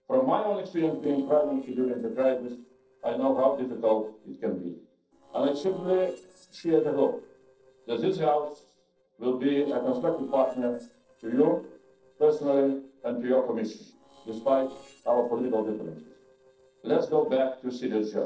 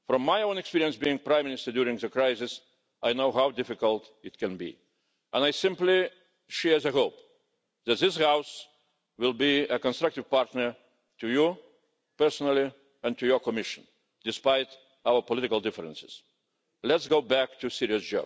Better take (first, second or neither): second